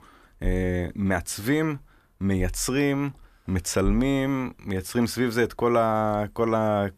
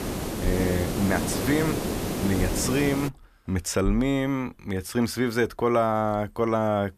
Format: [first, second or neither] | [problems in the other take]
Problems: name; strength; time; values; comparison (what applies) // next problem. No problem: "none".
first | hiss; loud; until 3 s; 3 dB below the speech